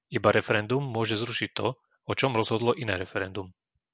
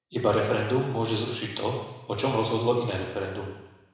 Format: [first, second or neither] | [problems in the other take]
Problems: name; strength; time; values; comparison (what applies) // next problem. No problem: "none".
first | room echo; dies away in 1 s